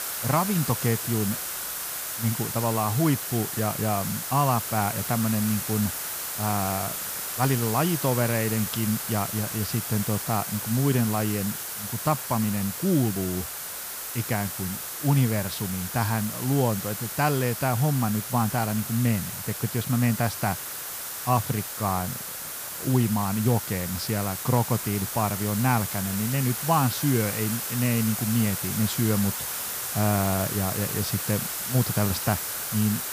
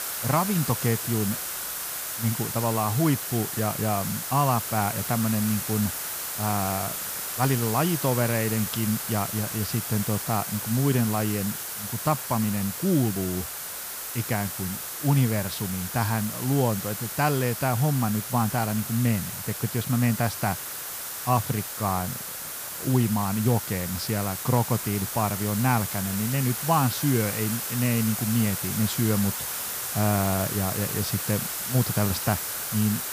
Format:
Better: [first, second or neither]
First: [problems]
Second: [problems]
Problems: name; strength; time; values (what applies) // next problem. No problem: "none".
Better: neither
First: hiss; loud; throughout; 3 dB below the speech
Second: hiss; loud; throughout; 3 dB below the speech